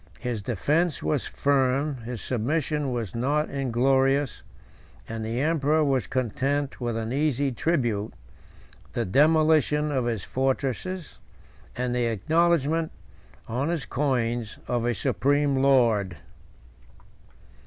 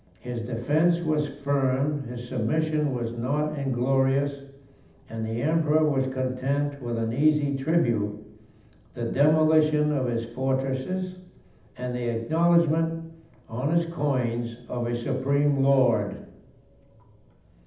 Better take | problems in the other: first | room echo; dies away in 0.8 s

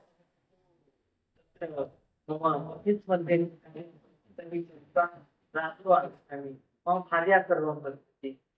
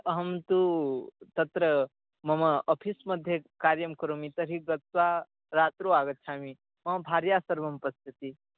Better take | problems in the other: second | noise reduction (neural mask model DeepFilterNet 3)

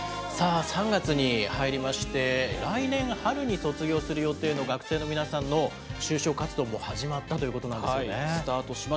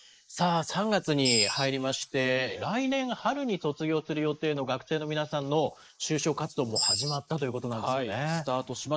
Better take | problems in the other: first | noise reduction (neural mask model Resemble Enhance denoiser)

